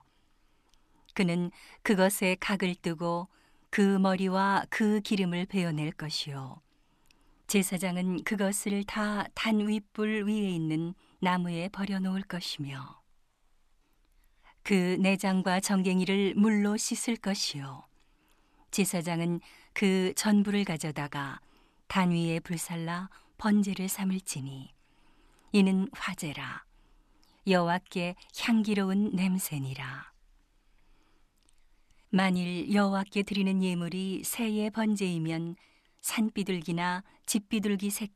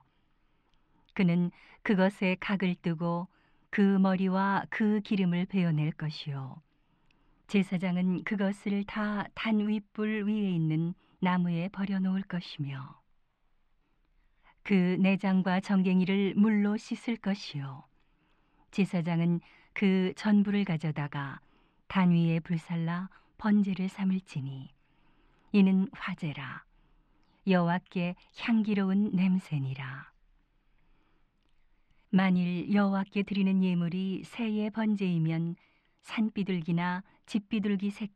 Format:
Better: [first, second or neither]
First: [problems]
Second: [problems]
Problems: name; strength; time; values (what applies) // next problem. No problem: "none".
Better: first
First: none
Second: muffled; slightly; fading above 2.5 kHz